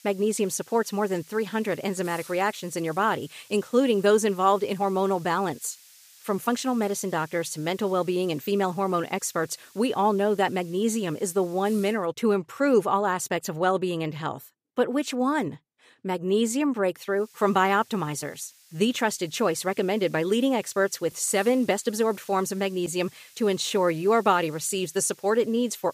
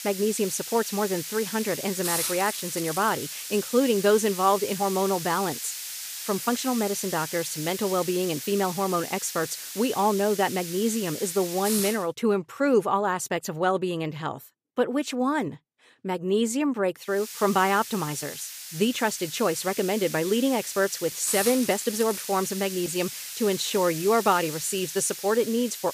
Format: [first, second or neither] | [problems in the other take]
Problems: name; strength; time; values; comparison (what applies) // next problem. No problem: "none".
first | hiss; loud; until 12 s and from 17 s on; 7 dB below the speech; faint in the first